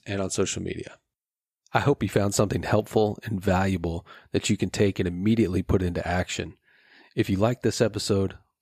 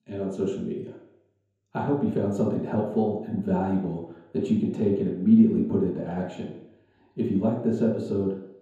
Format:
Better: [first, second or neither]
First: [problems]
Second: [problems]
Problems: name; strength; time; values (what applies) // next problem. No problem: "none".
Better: first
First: none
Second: room echo; noticeable; dies away in 0.9 s // off-mic speech; far